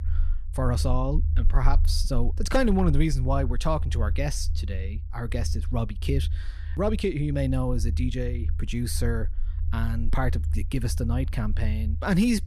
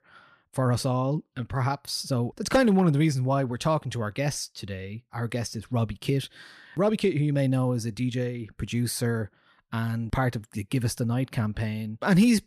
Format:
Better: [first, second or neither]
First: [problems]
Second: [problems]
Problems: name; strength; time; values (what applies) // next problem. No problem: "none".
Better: second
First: low rumble; noticeable; throughout; 15 dB below the speech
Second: none